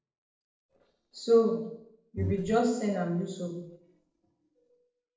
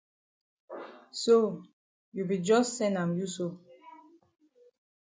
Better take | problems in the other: second | noise reduction (neural separator model SepFormer DNS4)

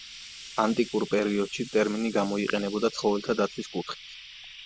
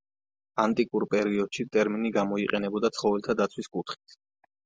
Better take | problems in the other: second | background sound (Frying (food)); 16 dB below the speech

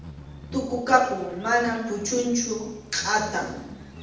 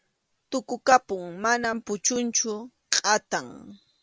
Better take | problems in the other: second | background sound (Insect); 16 dB below the speech // room echo; dies away in 0.8 s

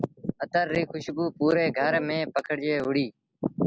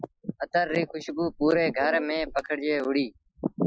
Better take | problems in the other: first | noise reduction (classical method Wiener filter)

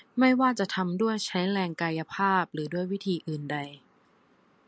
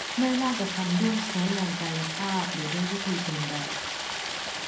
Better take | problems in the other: first | background sound (Stream); 3 dB below the speech // room echo; dies away in 0.6 s

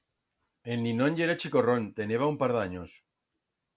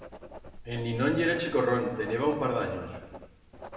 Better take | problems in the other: first | background sound (Writing); 16 dB below the speech // room echo; dies away in 1.2 s

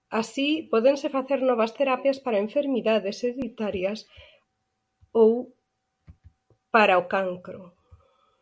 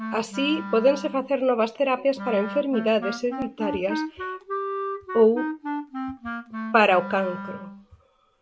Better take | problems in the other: first | background sound (Wind instrument, woodwind instrument); 8 dB below the speech

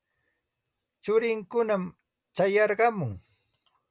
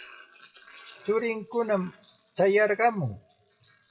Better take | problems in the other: first | noise reduction (classical method WPE with log-MMSE)

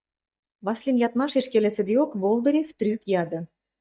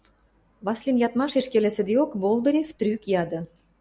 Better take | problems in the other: second | noise reduction (neural mask model DeepFilterNet 3)

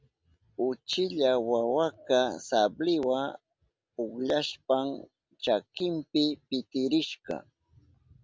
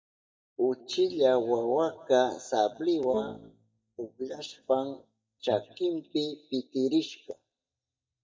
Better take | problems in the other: first | noise reduction (neural mask model DeepFilterNet 3)

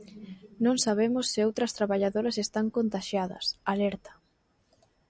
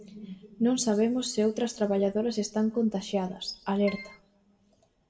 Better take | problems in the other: first | background sound (Keyboard (musical)); 13 dB below the speech // room echo; dies away in 0.6 s

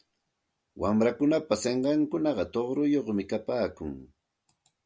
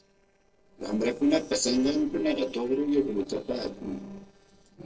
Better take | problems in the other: first | noise reduction (neural separator model SepFormer DNS4)

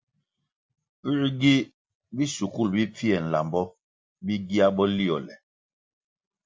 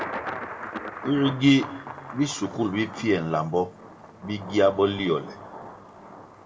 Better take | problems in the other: first | background sound (Thunder); 12 dB below the speech // room echo; dies away in 1.1 s

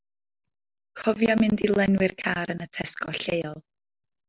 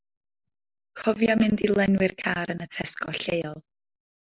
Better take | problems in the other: first | noise reduction (neural mask model Resemble Enhance denoiser)

